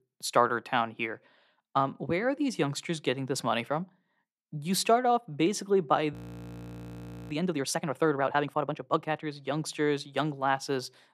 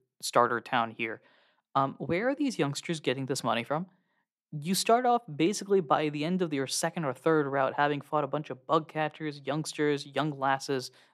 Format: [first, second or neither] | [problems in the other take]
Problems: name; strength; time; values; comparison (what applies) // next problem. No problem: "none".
second | audio freezing; at 6 s for 1 s